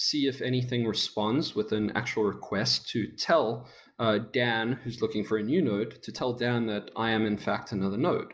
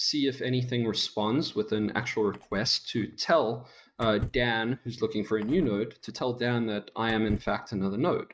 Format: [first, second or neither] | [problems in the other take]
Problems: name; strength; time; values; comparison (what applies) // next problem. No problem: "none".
first | noise reduction (neural mask model RNNoise)